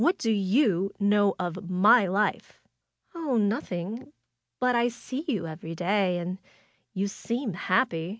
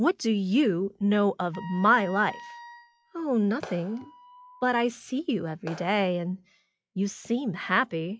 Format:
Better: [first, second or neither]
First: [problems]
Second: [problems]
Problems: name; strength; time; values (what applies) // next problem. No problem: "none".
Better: first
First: none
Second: noise reduction (classical method log-MMSE)